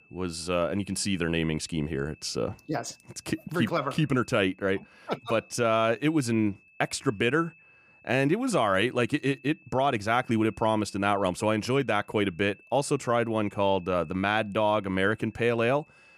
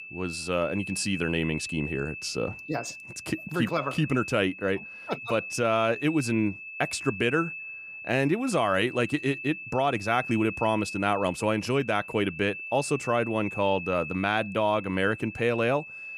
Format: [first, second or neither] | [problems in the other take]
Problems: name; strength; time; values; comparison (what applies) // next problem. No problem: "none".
first | high-pitched whine; loud; throughout; 2.5 kHz, 10 dB below the speech; faint in the first